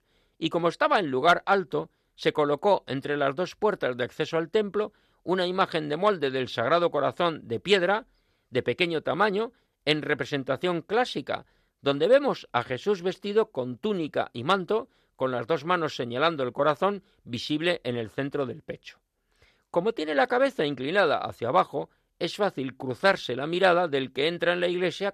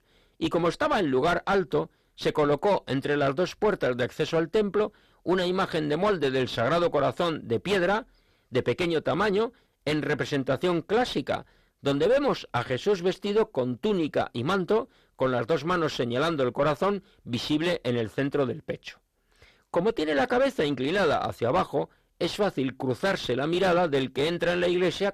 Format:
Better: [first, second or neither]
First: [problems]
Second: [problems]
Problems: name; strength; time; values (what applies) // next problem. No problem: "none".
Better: first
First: none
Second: distortion; heavy; 7 dB below the speech